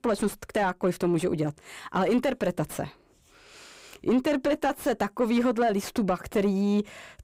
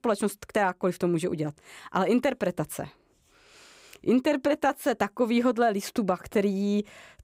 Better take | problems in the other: second | distortion; slight; 10 dB below the speech

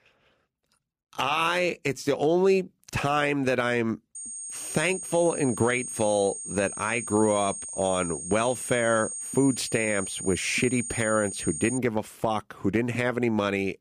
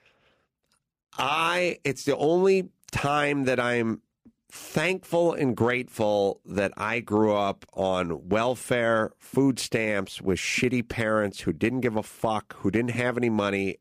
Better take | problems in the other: second | high-pitched whine; loud; from 4 to 12 s; 8.5 kHz, 7 dB below the speech

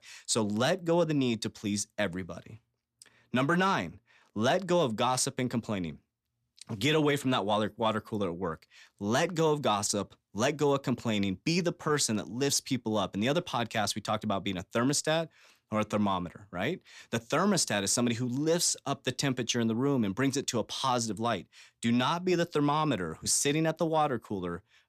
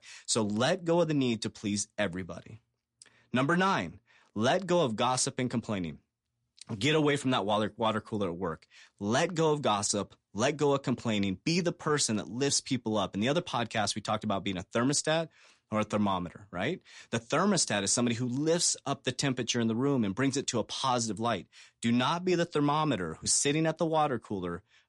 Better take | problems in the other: first | garbled, watery; slightly; nothing above 9 kHz

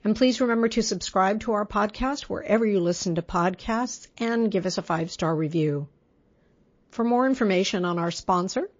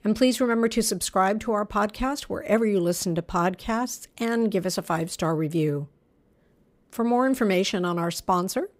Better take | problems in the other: second | garbled, watery; slightly

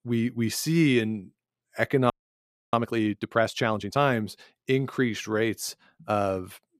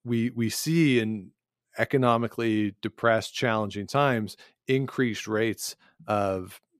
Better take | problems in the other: second | audio freezing; at 2 s for 0.5 s

